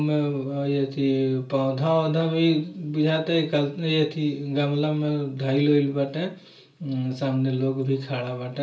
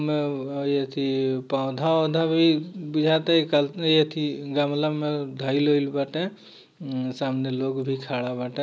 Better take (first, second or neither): second